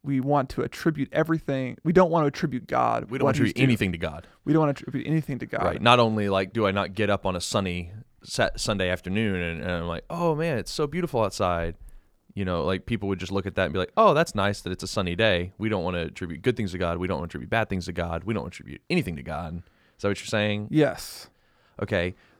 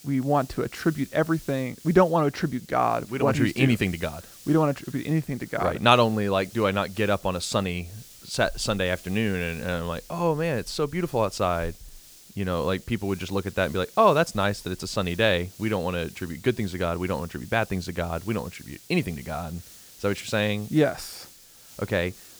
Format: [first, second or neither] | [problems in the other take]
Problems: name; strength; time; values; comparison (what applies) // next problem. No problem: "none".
first | hiss; faint; throughout; 20 dB below the speech